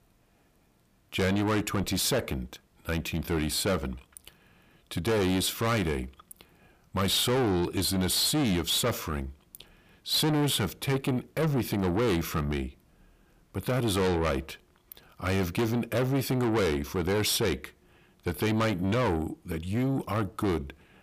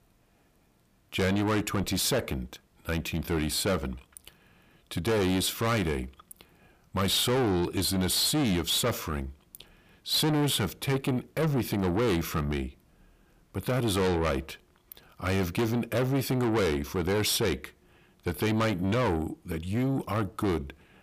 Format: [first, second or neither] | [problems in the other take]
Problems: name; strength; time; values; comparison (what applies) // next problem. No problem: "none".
neither | distortion; heavy; 6 dB below the speech; the same in both